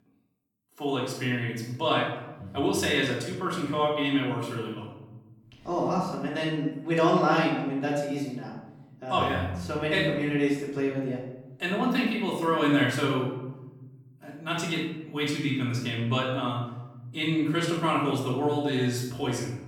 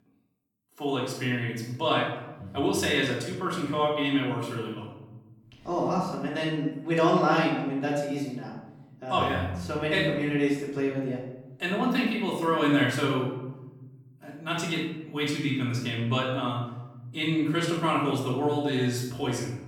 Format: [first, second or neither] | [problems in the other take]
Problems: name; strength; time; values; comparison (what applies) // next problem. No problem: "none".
neither | off-mic speech; far; the same in both // room echo; noticeable; dies away in 1.2 s; the same in both